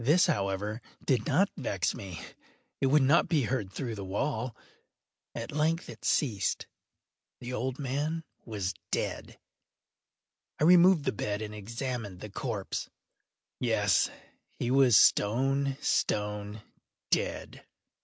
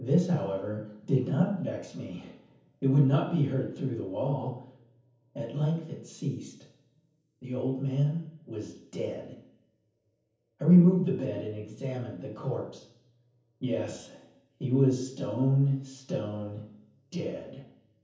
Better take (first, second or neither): first